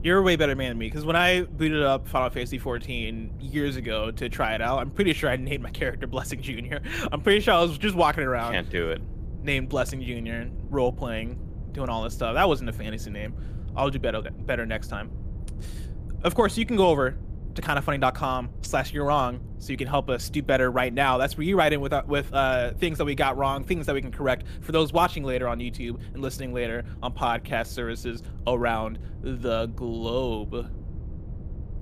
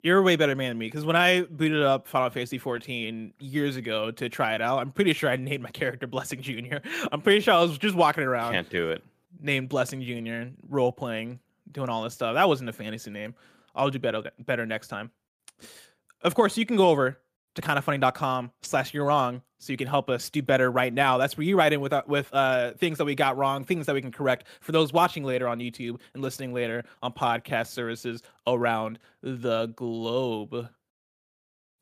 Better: second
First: low rumble; faint; throughout; 25 dB below the speech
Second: none

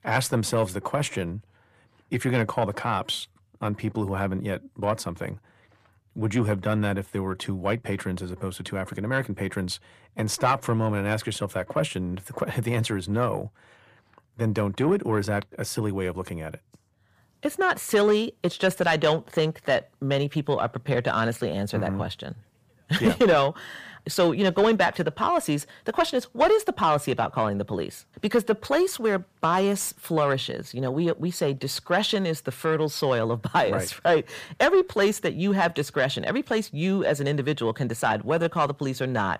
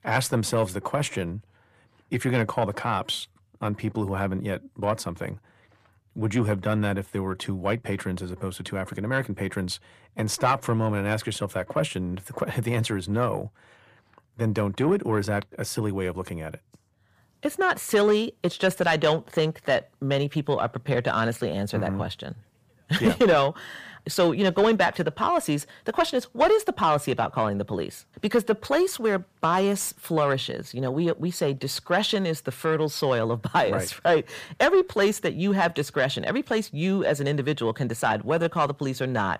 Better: neither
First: distortion; slight; 10 dB below the speech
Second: distortion; slight; 10 dB below the speech

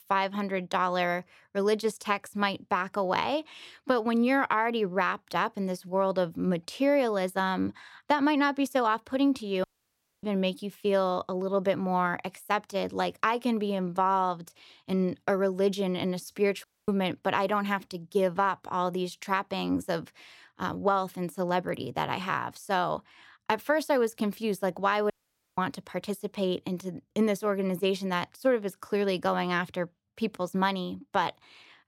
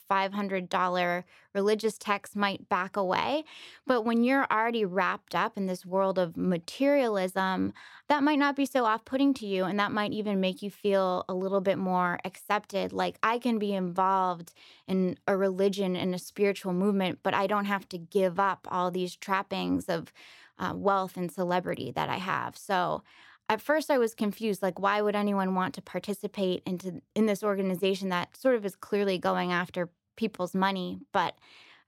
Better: second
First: audio cutting out; at 9.5 s for 0.5 s, at 17 s and at 25 s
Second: none

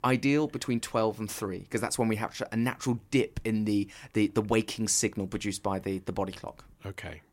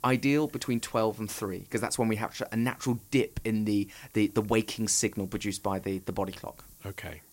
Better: first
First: none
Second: hiss; faint; throughout; 25 dB below the speech

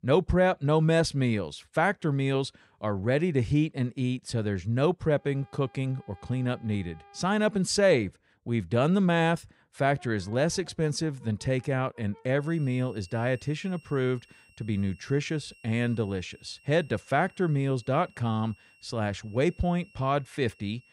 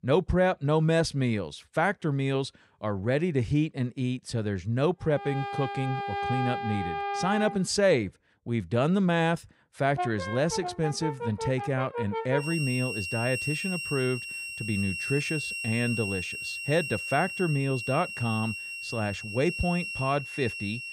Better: first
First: background music; faint; from 5.5 s on; 30 dB below the speech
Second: background music; loud; from 5.5 s on; 5 dB below the speech

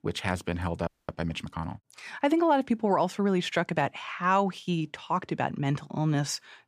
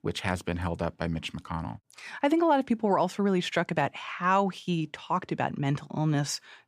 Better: second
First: audio freezing; at 1 s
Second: none

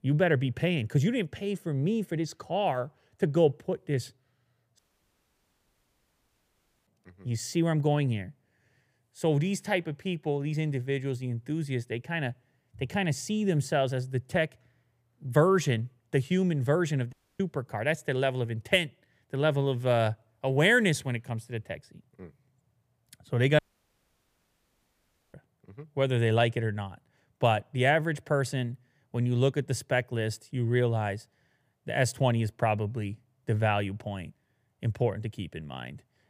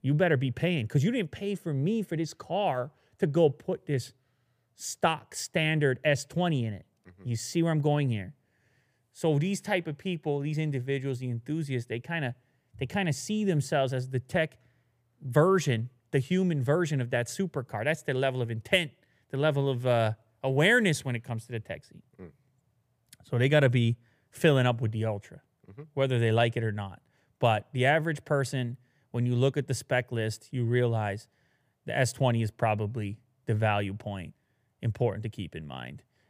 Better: second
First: audio cutting out; at 5 s for 2 s, at 17 s and at 24 s for 2 s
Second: none

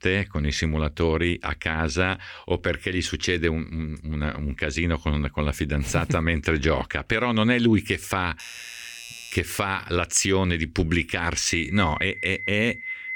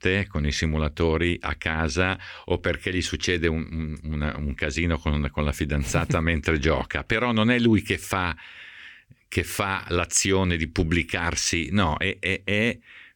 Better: second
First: doorbell; faint; from 8.5 to 9.5 s; peak 10 dB below the speech // alarm; noticeable; from 11 s on; peak 6 dB below the speech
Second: none

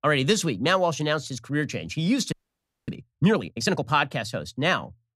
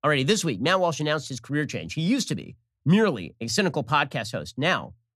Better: second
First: audio freezing; at 2.5 s for 0.5 s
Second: none

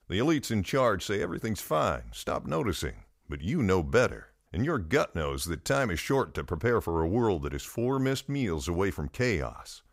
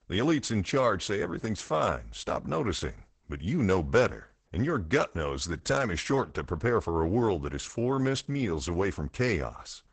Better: first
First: none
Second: garbled, watery; badly; nothing above 8 kHz

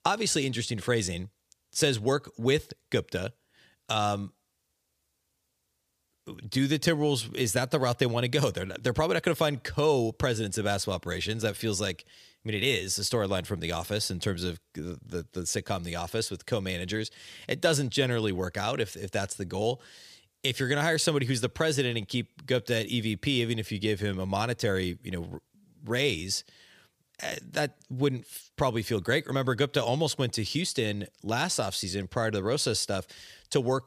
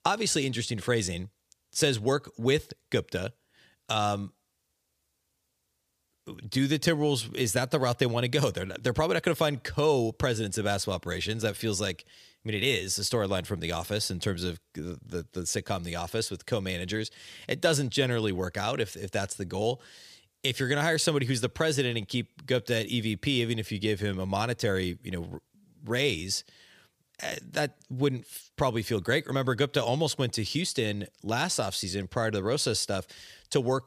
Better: neither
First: none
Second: none

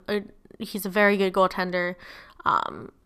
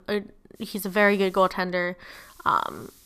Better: first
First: none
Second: hiss; faint; at 0.5 s and at 2 s; 30 dB below the speech

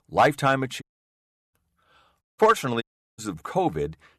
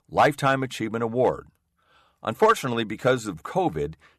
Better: second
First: audio cutting out; at 1 s for 0.5 s, at 2 s and at 3 s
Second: none

